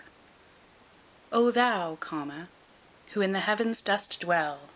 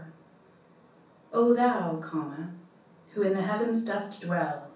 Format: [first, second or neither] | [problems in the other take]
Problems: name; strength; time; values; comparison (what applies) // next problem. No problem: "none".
first | room echo; dies away in 0.6 s